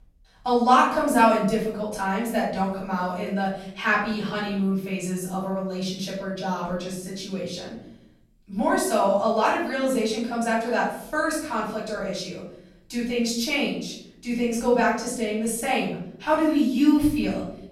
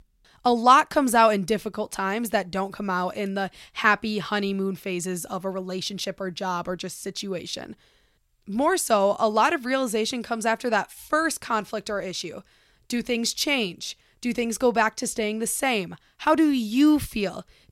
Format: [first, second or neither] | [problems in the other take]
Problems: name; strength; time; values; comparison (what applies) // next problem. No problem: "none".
second | room echo; noticeable; dies away in 0.8 s // off-mic speech; far